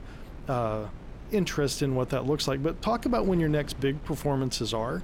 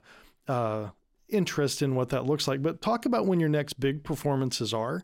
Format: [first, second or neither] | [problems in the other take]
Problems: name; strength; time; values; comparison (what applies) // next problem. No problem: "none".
second | wind noise on the microphone; occasional gusts; 20 dB below the speech